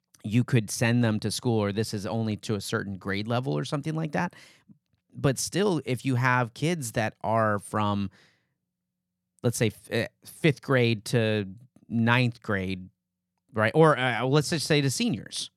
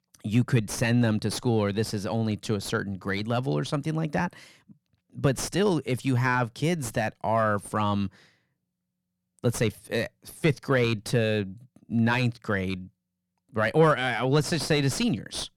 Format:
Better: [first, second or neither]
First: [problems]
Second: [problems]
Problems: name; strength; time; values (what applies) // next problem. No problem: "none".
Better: first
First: none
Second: distortion; slight; 10 dB below the speech